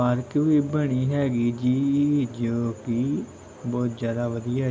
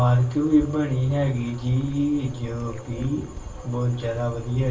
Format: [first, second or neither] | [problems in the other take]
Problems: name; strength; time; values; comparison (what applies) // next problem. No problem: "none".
first | background sound (Glass); 17 dB below the speech // room echo; dies away in 0.3 s